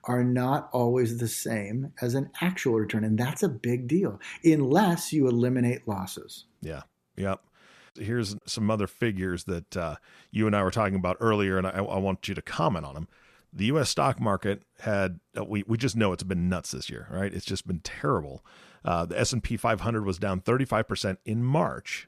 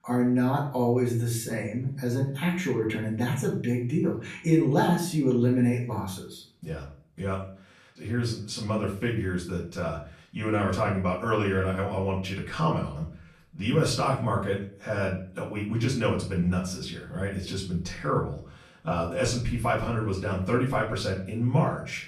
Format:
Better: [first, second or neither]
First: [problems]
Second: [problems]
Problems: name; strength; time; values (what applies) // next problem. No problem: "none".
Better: first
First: none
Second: off-mic speech; far // room echo; slight; dies away in 0.4 s